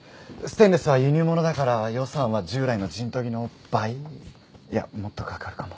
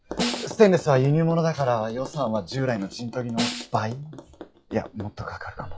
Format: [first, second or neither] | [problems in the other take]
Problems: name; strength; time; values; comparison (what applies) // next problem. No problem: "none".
first | noise reduction (classical method log-MMSE)